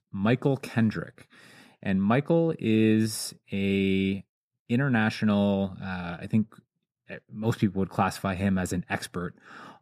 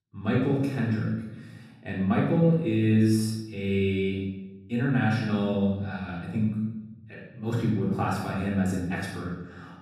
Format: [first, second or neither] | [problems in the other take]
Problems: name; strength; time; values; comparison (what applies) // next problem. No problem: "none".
first | off-mic speech; far // room echo; noticeable; dies away in 1 s